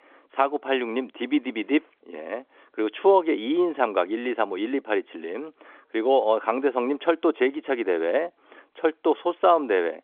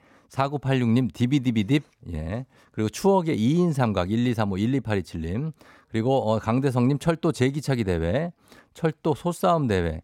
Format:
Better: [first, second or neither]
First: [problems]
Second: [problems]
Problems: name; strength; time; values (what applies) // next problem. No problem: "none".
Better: second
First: phone-call audio; nothing above 3.5 kHz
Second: none